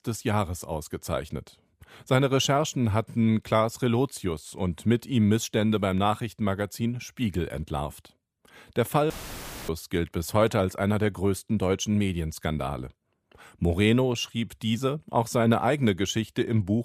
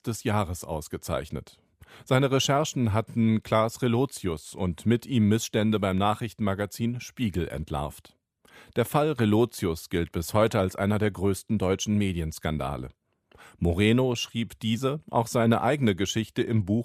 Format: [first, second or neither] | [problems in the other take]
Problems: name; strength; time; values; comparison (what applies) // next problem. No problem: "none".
second | audio cutting out; filled with static; at 9 s for 0.5 s